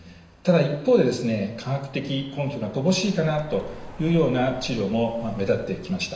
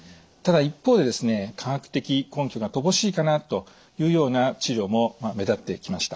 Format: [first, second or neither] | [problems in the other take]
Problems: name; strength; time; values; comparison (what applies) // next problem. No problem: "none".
second | background sound (Car passing by); 19 dB below the speech // room echo; dies away in 0.9 s